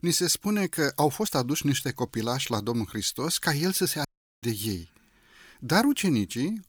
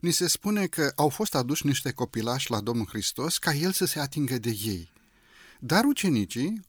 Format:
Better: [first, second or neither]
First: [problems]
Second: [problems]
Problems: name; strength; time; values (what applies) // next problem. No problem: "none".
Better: second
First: audio cutting out; at 4 s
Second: none